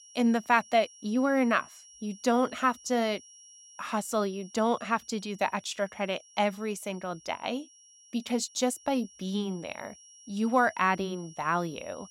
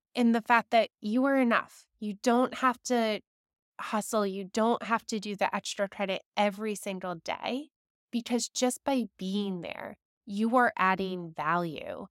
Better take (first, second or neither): second